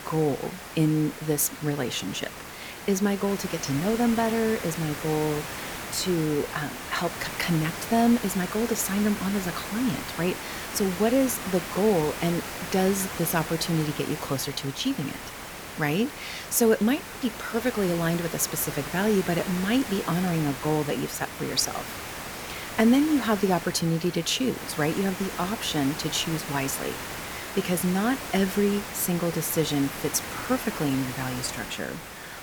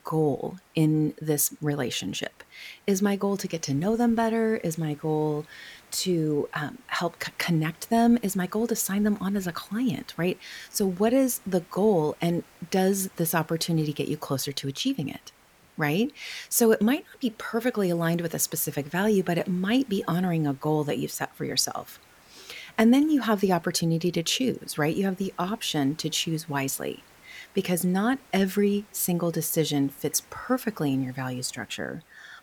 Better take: second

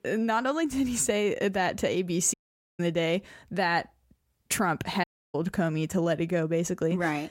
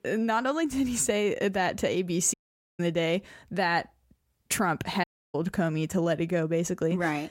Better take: neither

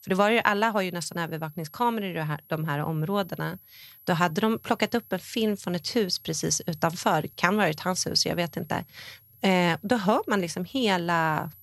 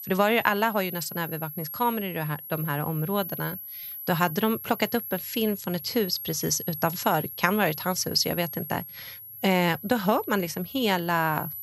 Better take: first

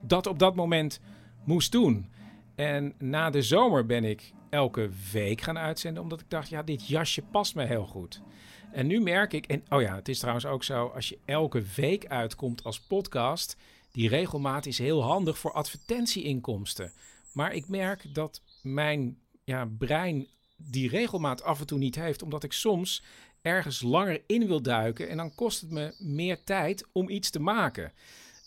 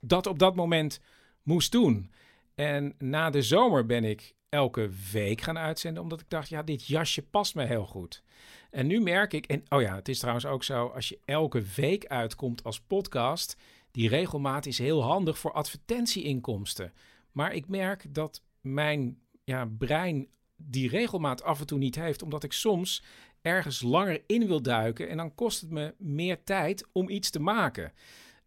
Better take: second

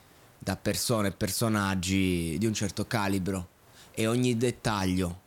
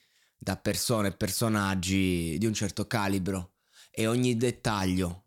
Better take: second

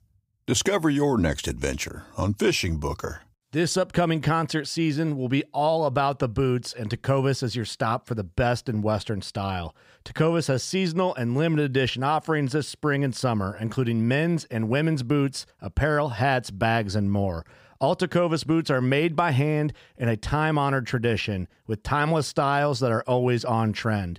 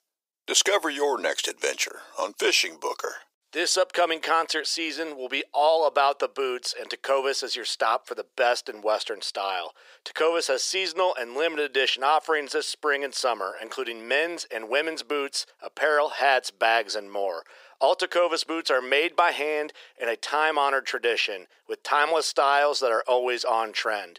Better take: first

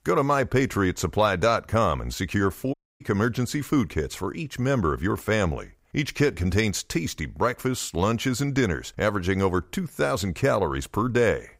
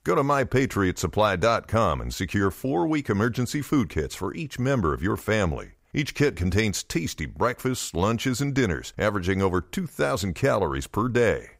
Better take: second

